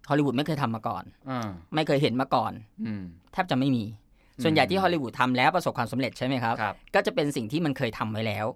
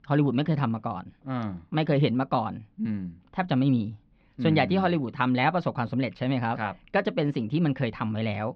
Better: first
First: none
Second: muffled; very slightly; fading above 4 kHz

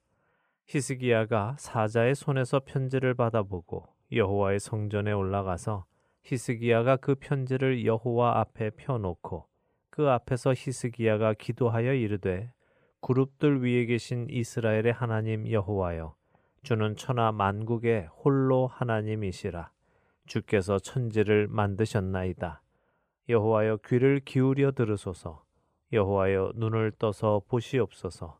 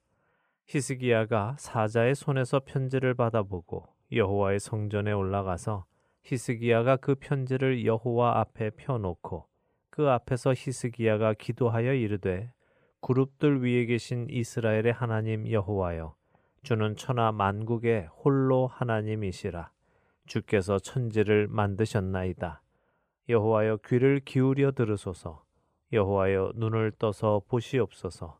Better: neither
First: none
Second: none

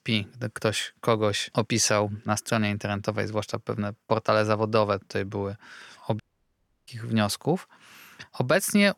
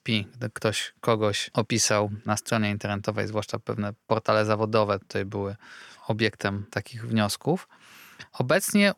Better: second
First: audio cutting out; at 6 s for 0.5 s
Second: none

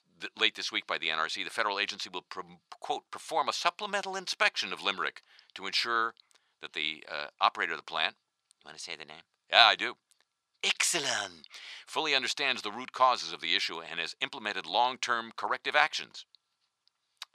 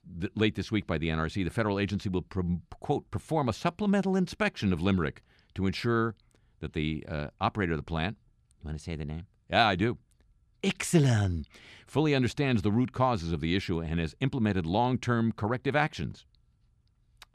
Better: second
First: thin; very; fading below 800 Hz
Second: none

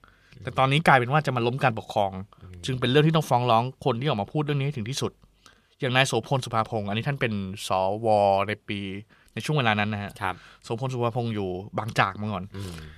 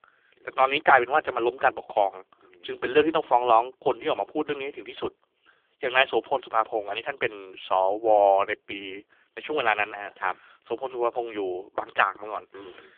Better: first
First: none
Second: phone-call audio; poor line; nothing above 3.5 kHz

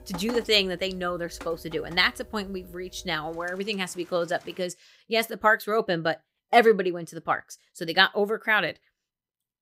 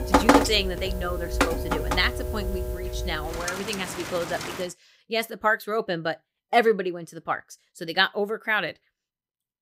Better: first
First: rain or running water; faint; until 4.5 s; 20 dB below the speech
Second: rain or running water; loud; until 4.5 s; as loud as the speech

